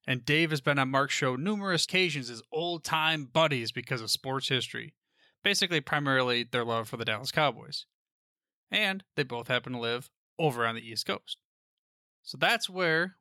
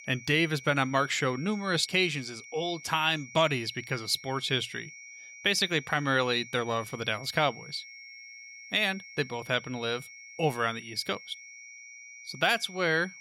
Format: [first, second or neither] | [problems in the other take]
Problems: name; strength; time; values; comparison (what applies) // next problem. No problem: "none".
first | high-pitched whine; noticeable; throughout; 2 kHz, 15 dB below the speech